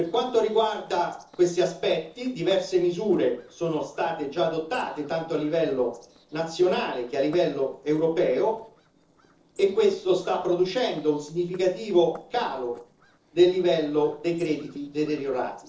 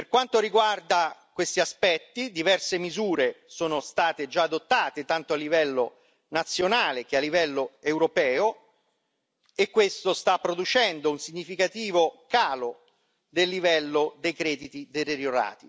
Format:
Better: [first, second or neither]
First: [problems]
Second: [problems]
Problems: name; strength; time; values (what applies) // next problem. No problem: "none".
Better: second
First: noise reduction (neural separator model SepFormer DNS4)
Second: none